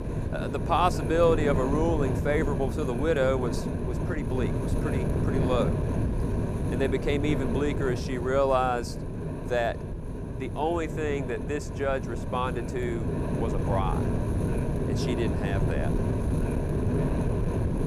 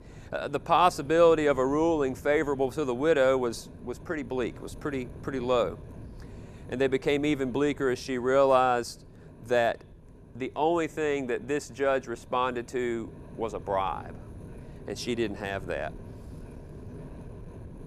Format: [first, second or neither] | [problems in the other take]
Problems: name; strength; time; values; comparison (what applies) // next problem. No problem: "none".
second | wind noise on the microphone; heavy; 6 dB below the speech; occasional gusts in the second